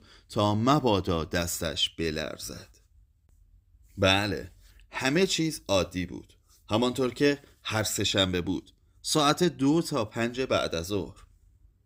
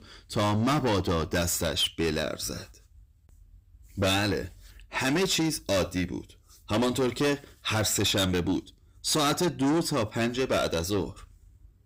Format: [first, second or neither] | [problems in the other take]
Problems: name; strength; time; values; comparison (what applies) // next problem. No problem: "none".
first | distortion; heavy; 7 dB below the speech